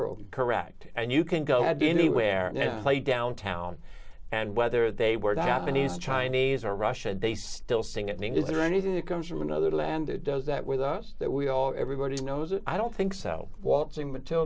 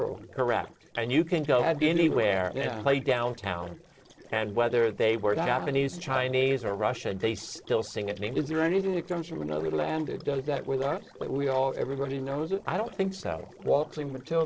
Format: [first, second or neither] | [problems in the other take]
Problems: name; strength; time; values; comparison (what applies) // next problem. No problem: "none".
first | noise reduction (neural separator model SepFormer DNS4)